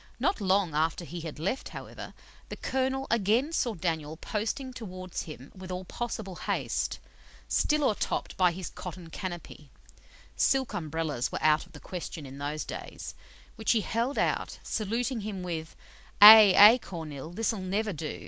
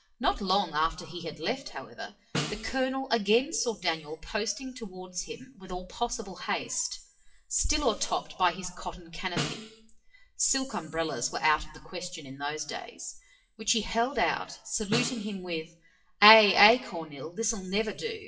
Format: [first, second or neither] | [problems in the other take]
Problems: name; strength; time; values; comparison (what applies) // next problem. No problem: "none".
first | noise reduction (classical method WPE with log-MMSE)